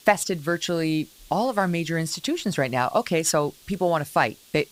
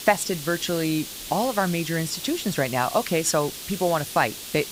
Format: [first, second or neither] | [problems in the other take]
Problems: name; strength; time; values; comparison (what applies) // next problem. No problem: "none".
first | hiss; loud; throughout; 9 dB below the speech; faint in the first